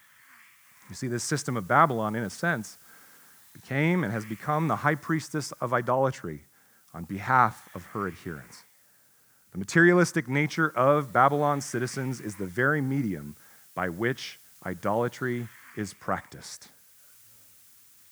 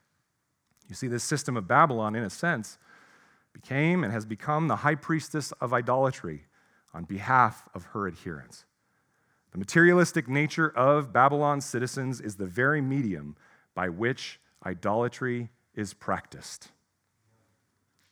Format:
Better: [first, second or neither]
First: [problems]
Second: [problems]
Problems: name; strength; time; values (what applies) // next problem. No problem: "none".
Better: second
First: hiss; faint; throughout; 25 dB below the speech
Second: none